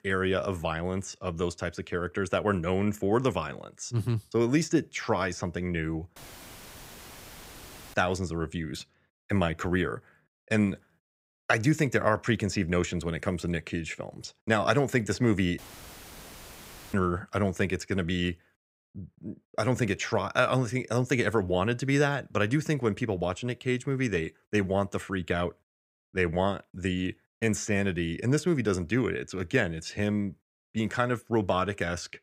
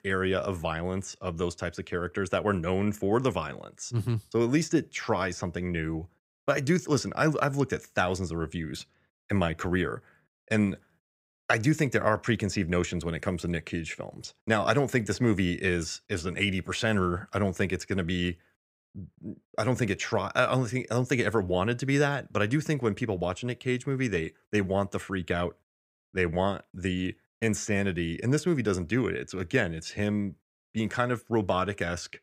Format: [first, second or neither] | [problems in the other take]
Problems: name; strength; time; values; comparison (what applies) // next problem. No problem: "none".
second | audio cutting out; filled with static; at 6 s for 2 s and at 16 s for 1.5 s